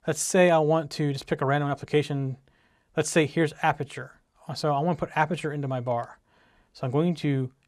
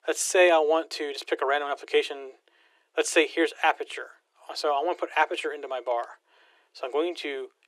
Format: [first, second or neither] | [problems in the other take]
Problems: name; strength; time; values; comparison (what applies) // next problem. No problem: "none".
first | thin; very; fading below 350 Hz